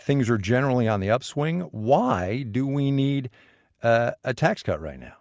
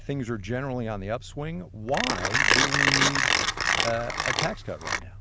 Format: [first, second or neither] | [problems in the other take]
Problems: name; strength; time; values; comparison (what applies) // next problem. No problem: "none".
first | background sound (Mechanisms); 5 dB above the speech